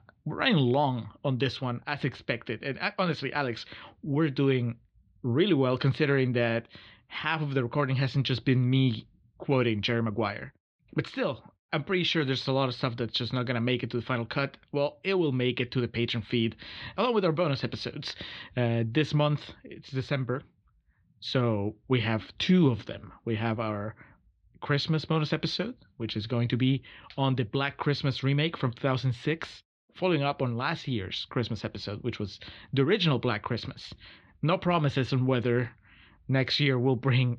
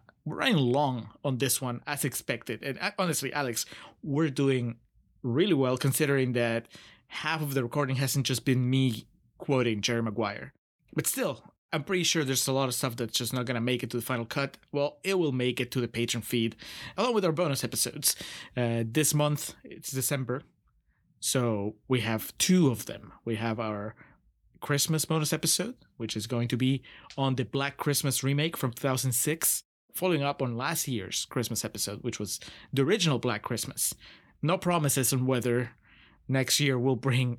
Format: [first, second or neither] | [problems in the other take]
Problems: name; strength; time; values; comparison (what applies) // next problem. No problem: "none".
second | muffled; slightly; fading above 4 kHz